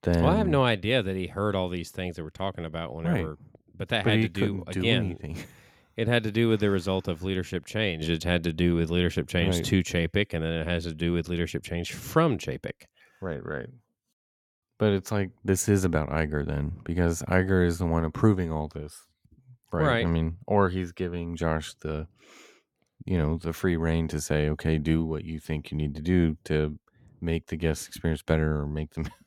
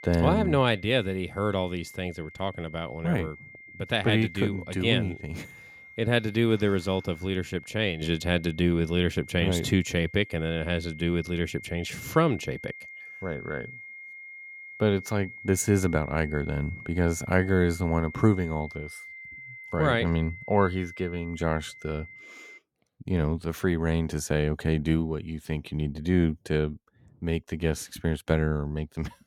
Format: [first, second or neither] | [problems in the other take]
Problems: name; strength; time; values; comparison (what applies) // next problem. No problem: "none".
first | high-pitched whine; noticeable; until 23 s; 2 kHz, 15 dB below the speech